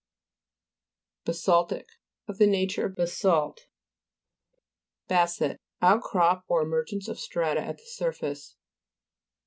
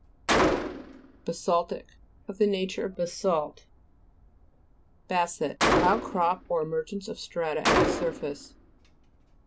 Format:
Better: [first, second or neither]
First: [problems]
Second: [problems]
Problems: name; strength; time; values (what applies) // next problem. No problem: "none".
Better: first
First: none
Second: background sound (Gunshot, gunfire); 1 dB below the speech